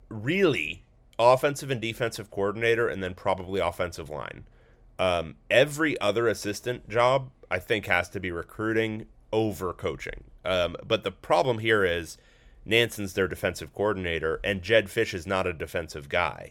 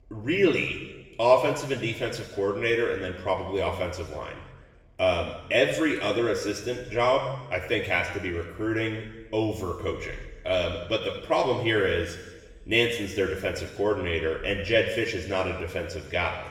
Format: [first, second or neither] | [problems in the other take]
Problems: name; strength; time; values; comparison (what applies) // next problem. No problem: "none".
first | room echo; noticeable; dies away in 1.1 s // off-mic speech; far